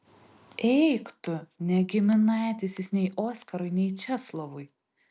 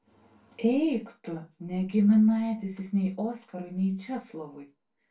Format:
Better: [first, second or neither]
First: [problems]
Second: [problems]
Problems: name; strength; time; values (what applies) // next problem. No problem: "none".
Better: first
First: none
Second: room echo; dies away in 0.2 s